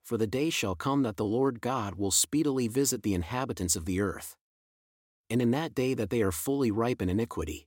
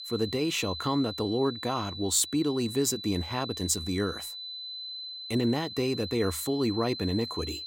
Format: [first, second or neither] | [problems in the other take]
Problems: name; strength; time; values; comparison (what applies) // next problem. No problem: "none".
first | high-pitched whine; loud; throughout; 4 kHz, 8 dB below the speech